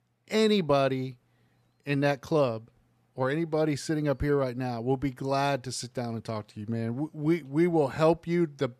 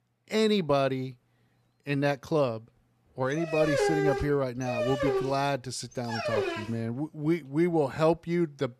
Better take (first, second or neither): first